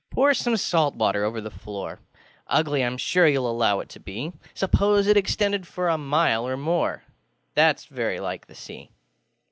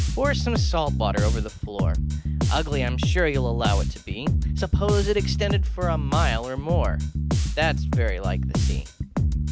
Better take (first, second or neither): first